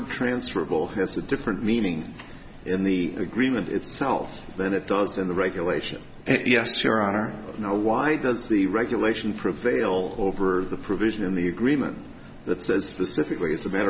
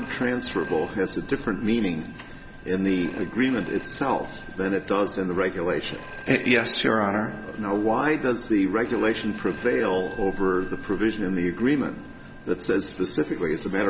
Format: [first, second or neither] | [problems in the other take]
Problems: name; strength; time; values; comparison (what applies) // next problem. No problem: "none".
first | background sound (Telephone); 18 dB below the speech